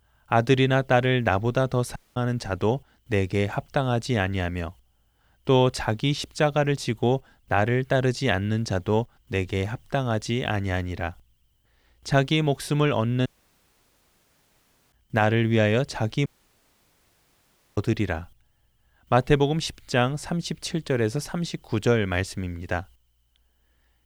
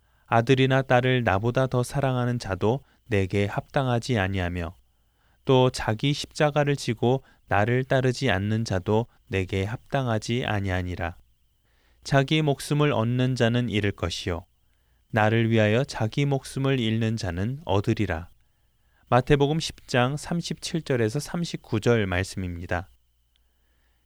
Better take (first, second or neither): second